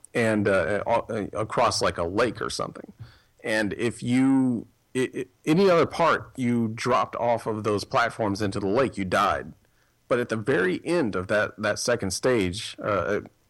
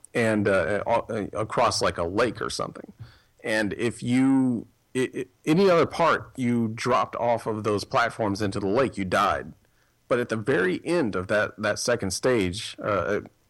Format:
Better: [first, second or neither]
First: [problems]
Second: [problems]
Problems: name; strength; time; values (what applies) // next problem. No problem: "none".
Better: neither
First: distortion; slight; 10 dB below the speech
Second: distortion; slight; 10 dB below the speech